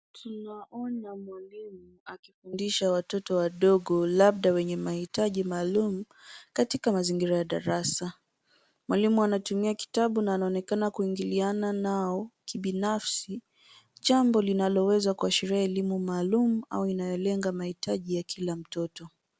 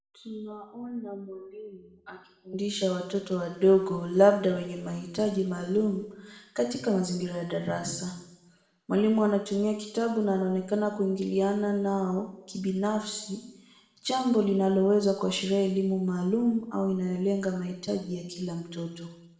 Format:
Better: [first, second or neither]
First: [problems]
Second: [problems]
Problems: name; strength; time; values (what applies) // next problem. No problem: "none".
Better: first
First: none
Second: room echo; dies away in 0.8 s